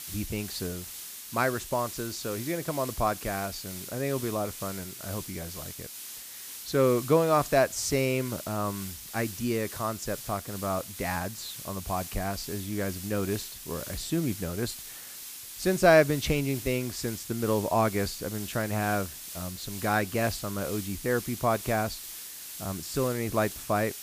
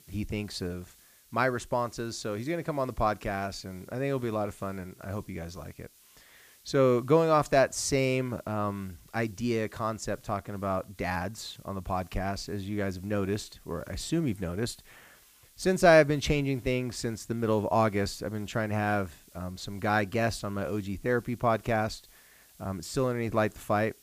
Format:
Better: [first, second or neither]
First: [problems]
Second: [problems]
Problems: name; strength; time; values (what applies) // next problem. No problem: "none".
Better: second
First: hiss; loud; throughout; 9 dB below the speech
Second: hiss; faint; throughout; 25 dB below the speech